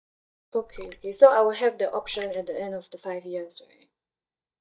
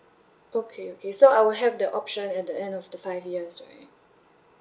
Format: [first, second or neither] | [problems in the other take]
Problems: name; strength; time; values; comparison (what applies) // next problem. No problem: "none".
second | noise reduction (neural mask model DeepFilterNet 3)